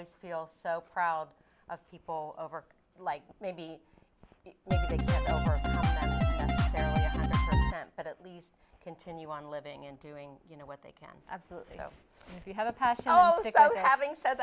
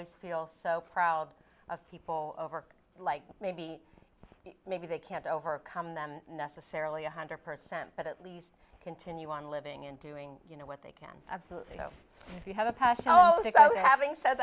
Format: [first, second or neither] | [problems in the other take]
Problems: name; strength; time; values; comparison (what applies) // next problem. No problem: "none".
second | background sound (Drum kit); 5 dB above the speech